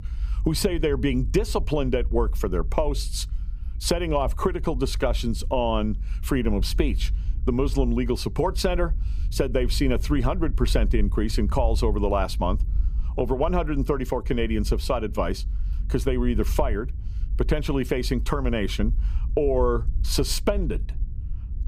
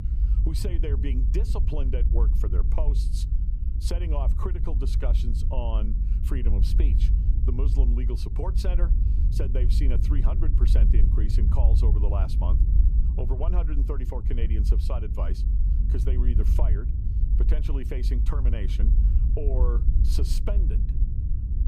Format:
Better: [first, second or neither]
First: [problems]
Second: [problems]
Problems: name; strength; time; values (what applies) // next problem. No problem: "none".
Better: first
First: low rumble; faint; throughout; 25 dB below the speech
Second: low rumble; loud; throughout; 5 dB below the speech